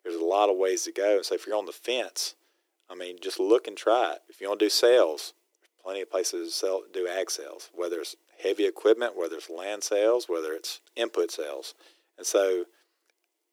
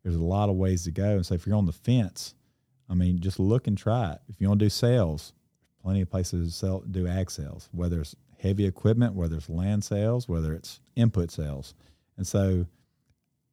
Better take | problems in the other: second | thin; very; fading below 350 Hz

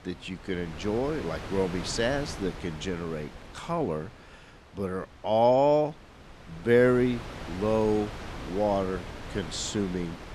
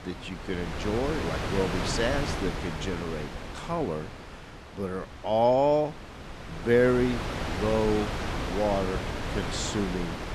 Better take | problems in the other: first | wind noise on the microphone; heavy; 6 dB below the speech; occasional gusts in the first

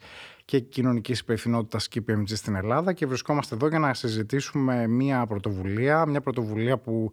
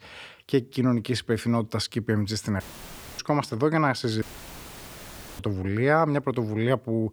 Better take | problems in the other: first | audio cutting out; filled with static; at 2.5 s for 0.5 s and at 4 s for 1 s

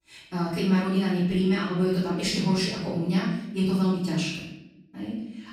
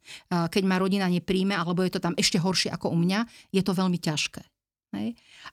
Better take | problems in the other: second | off-mic speech; far // room echo; noticeable; dies away in 0.8 s

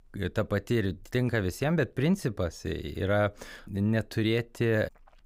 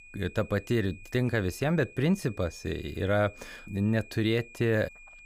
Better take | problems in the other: first | high-pitched whine; faint; throughout; 2.5 kHz, 20 dB below the speech

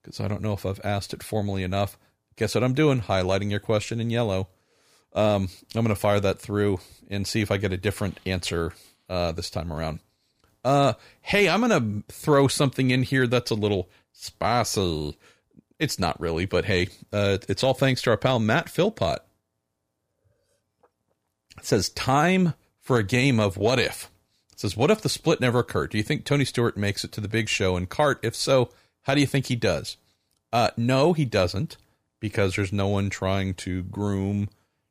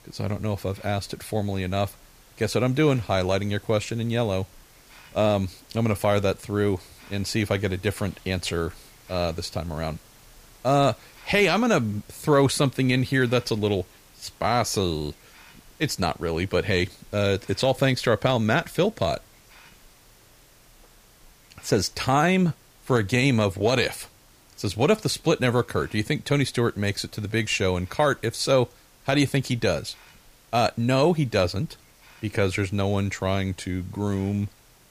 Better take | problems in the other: first | hiss; faint; throughout; 25 dB below the speech

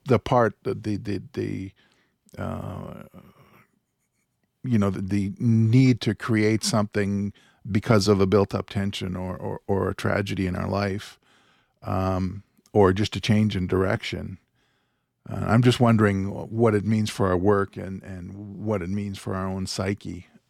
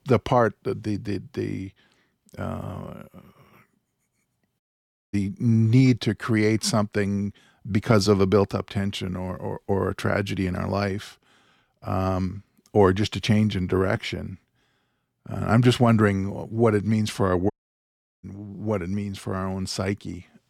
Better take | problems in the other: first | audio cutting out; at 4.5 s for 0.5 s and at 18 s for 0.5 s

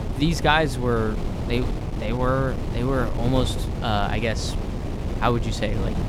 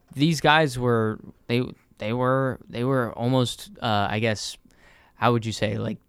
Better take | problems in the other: second | wind noise on the microphone; occasional gusts; 10 dB below the speech

